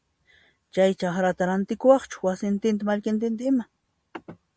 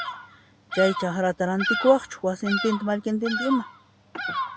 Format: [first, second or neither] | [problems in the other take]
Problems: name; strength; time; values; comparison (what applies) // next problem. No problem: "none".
first | background sound (Bird vocalization, bird call, bird song); 6 dB below the speech